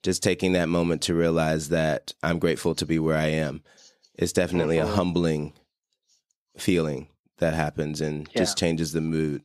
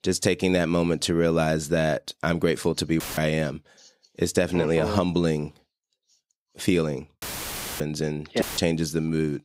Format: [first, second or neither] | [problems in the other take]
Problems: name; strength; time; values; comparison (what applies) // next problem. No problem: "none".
first | audio cutting out; filled with static; at 3 s, at 7 s for 0.5 s and at 8.5 s